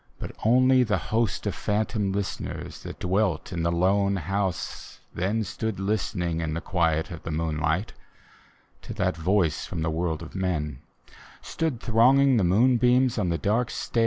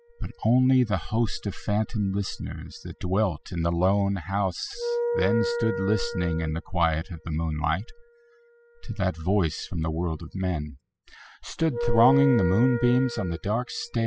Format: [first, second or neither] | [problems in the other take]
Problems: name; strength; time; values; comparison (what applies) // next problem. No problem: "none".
first | noise reduction (classical method spectral subtraction)